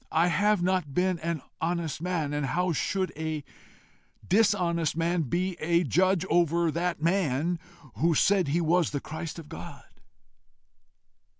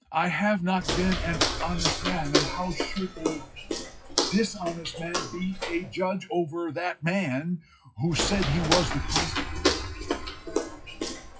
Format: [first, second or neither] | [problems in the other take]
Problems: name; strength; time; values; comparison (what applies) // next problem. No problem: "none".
first | noise reduction (classical method WPE with log-MMSE)